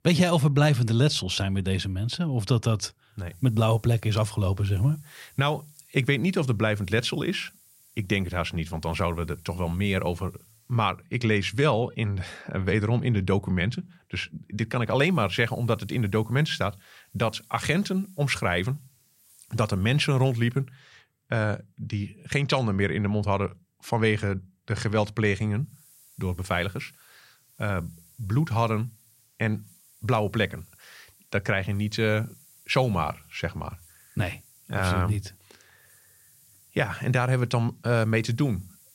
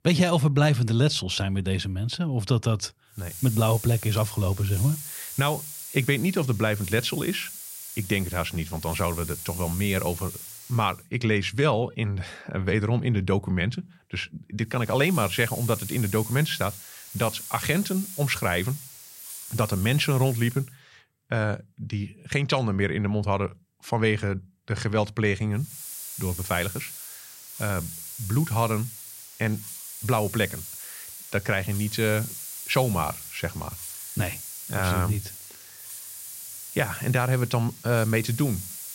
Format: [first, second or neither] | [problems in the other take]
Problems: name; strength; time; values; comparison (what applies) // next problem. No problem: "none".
first | hiss; loud; from 3.5 to 11 s, from 15 to 21 s and from 26 s on; 10 dB below the speech; faint in the first